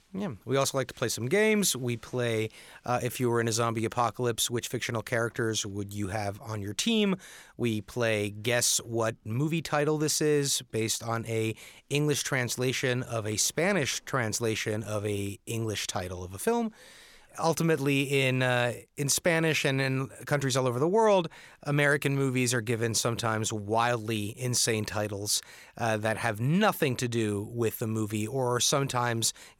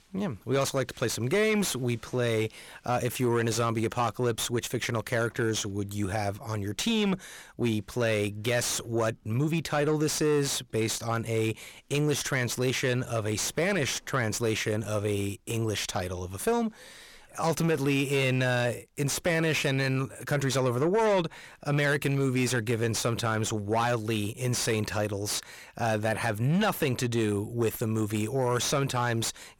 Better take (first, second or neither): first